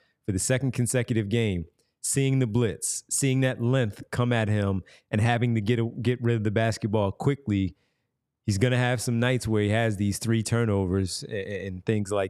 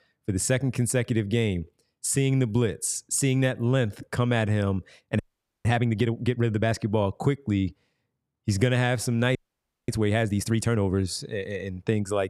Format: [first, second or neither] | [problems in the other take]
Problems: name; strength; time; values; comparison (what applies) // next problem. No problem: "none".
first | audio freezing; at 5 s and at 9.5 s for 0.5 s